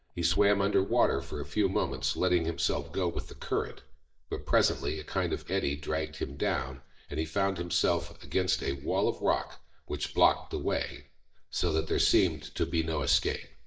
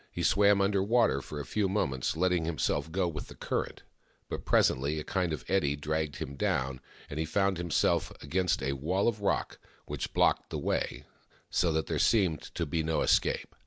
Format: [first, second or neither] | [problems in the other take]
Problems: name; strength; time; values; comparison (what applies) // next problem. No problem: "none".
second | noise reduction (neural mask model DeepFilterNet 3)